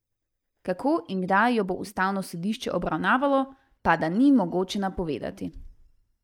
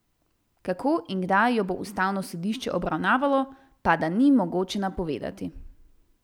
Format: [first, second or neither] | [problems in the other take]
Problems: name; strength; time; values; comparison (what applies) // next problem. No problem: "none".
second | noise reduction (neural mask model DeepFilterNet 3)